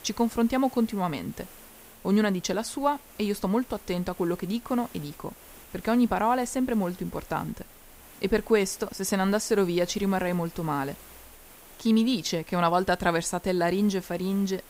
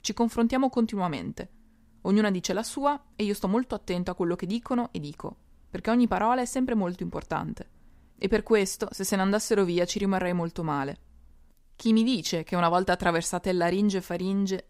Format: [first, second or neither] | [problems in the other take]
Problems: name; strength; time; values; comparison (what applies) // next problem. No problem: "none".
second | hiss; faint; throughout; 20 dB below the speech